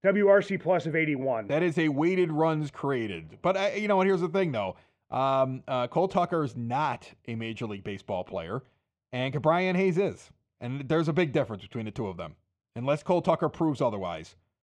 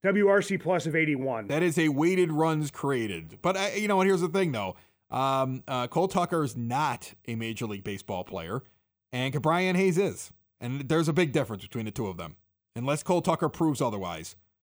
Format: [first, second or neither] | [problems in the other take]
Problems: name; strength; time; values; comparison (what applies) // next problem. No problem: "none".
second | muffled; slightly; fading above 4 kHz